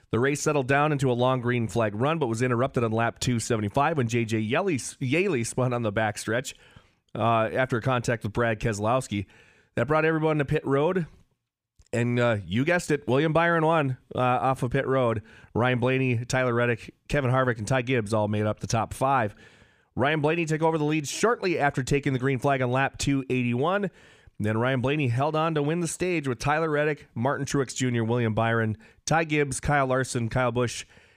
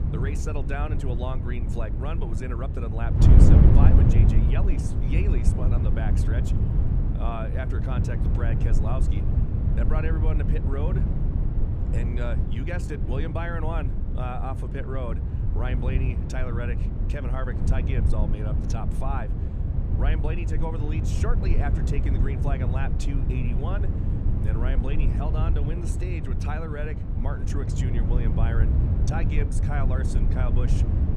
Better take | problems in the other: first | wind noise on the microphone; heavy; 1 dB below the speech

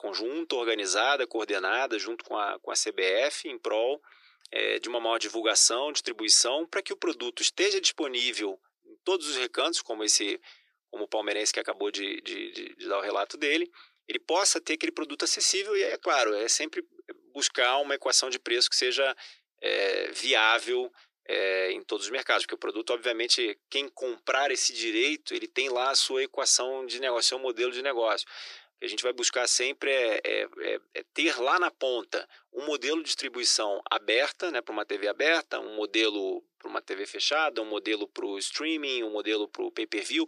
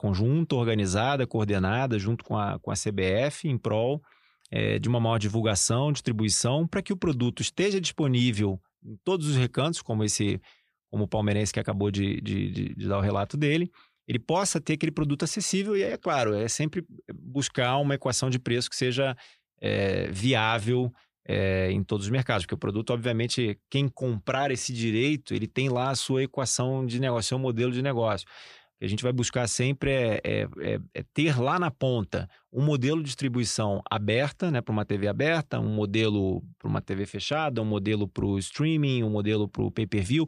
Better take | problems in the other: second | thin; very; fading below 350 Hz

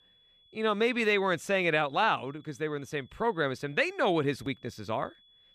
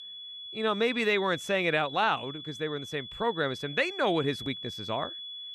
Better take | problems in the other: first | high-pitched whine; loud; throughout; 3.5 kHz, 10 dB below the speech; faint in the first

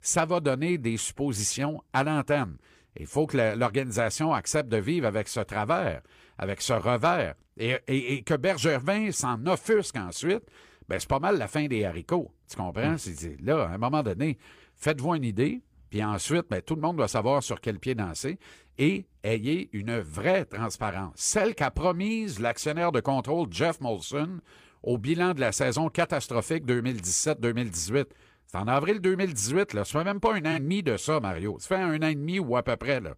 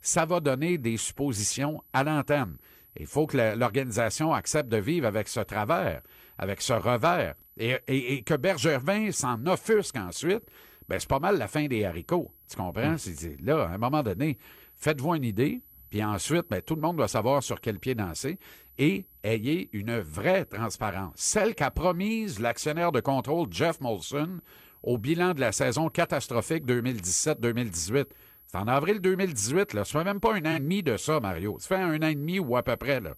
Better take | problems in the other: first | high-pitched whine; faint; throughout; 12 kHz, 25 dB below the speech

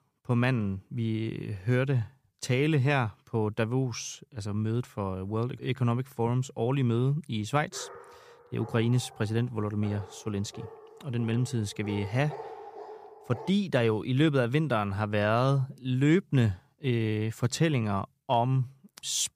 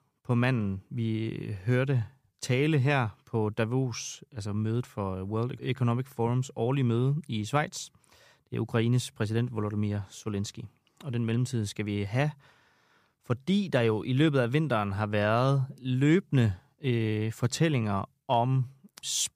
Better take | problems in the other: second | dog barking; faint; from 7.5 to 14 s; peak 10 dB below the speech

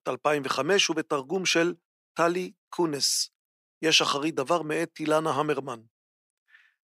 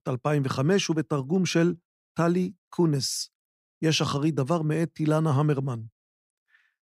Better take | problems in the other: second | thin; very; fading below 450 Hz

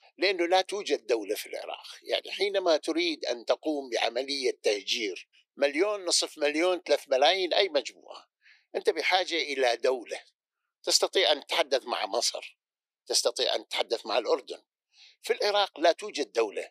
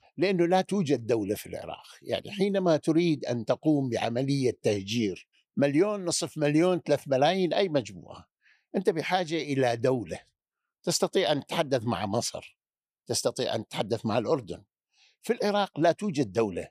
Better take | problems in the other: second | thin; very; fading below 350 Hz

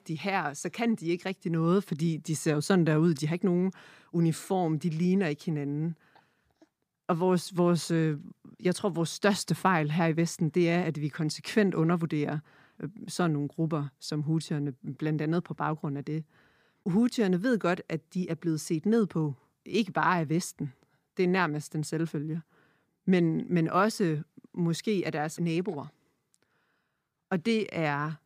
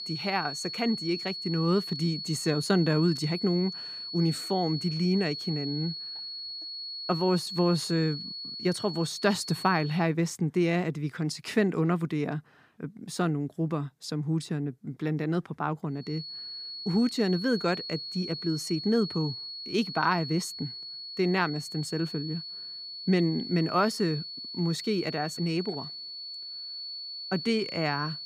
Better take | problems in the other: first | high-pitched whine; loud; until 10 s and from 16 s on; 4.5 kHz, 7 dB below the speech

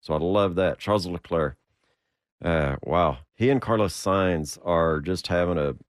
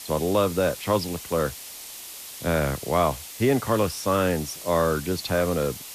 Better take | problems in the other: first | hiss; noticeable; throughout; 10 dB below the speech

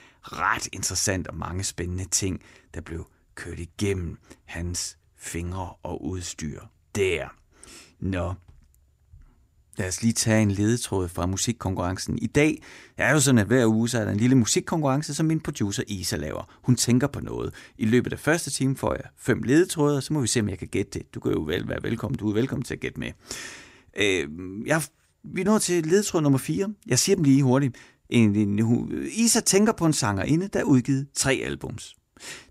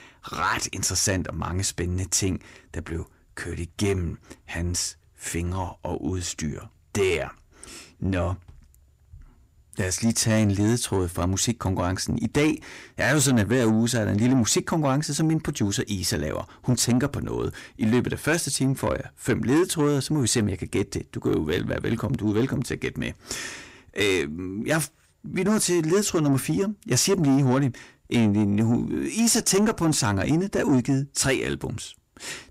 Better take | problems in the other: first | distortion; slight; 10 dB below the speech

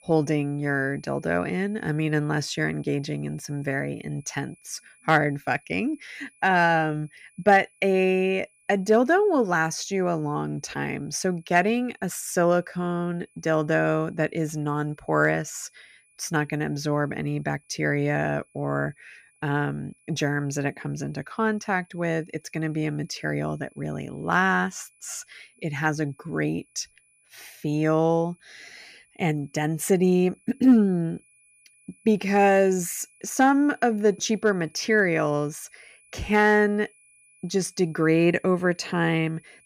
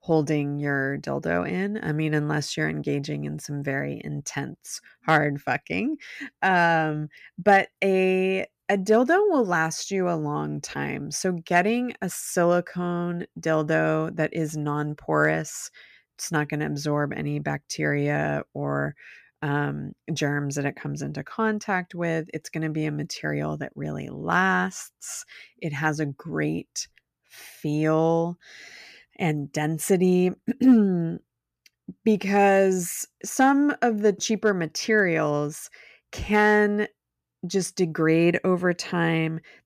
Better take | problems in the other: second | high-pitched whine; faint; throughout; 2.5 kHz, 35 dB below the speech

